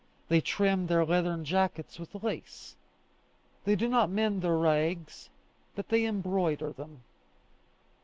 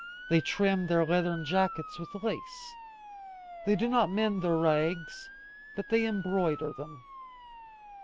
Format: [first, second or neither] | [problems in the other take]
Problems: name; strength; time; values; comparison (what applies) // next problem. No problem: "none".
first | background sound (Motor vehicle (road) / Siren); 14 dB below the speech